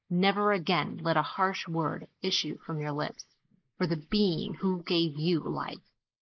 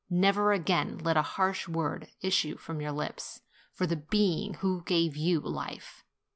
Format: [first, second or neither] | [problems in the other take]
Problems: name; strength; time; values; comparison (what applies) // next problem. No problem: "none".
second | noise reduction (neural mask model Resemble Enhance denoiser)